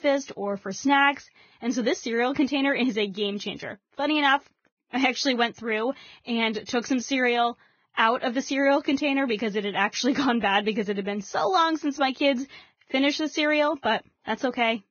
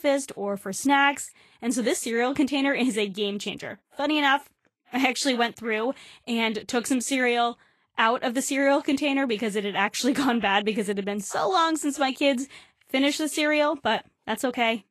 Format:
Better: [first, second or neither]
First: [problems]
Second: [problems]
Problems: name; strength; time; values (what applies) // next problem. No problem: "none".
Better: second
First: garbled, watery; badly; nothing above 6.5 kHz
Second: garbled, watery; slightly; nothing above 12.5 kHz